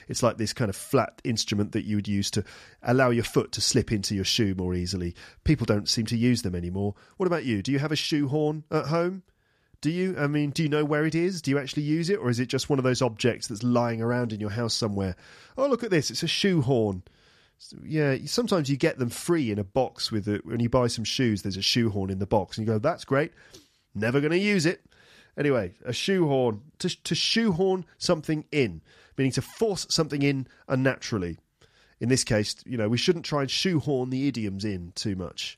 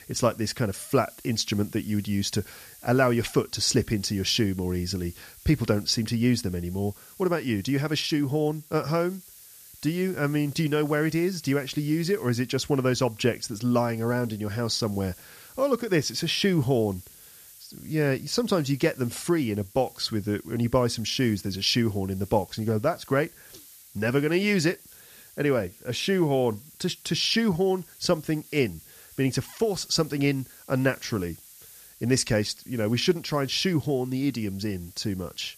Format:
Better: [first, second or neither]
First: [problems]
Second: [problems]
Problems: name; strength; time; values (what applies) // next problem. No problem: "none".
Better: first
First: none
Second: hiss; faint; throughout; 20 dB below the speech